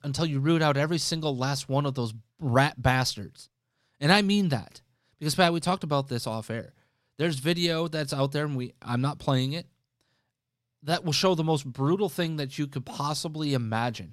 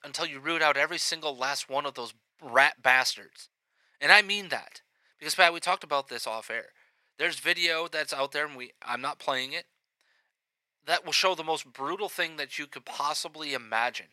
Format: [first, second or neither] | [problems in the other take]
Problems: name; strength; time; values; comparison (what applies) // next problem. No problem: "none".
first | thin; very; fading below 700 Hz